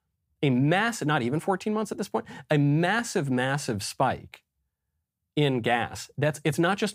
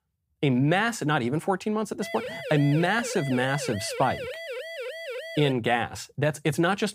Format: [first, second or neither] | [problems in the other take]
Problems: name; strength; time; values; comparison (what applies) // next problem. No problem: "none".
first | siren; noticeable; from 2 to 5.5 s; peak 8 dB below the speech